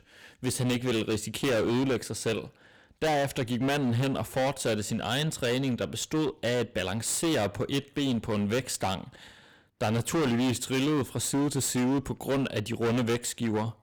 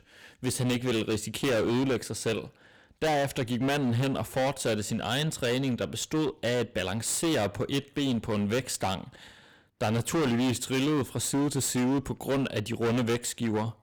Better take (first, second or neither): neither